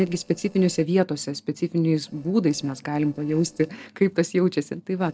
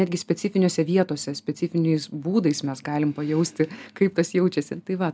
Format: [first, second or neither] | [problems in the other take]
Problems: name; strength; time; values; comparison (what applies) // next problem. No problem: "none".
second | noise reduction (neural separator model SepFormer DNS4)